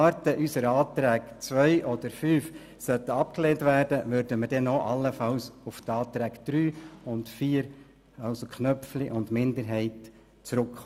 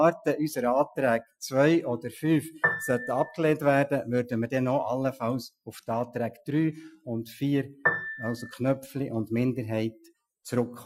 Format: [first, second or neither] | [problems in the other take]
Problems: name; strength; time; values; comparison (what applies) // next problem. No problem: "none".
first | noise reduction (classical method Wiener filter)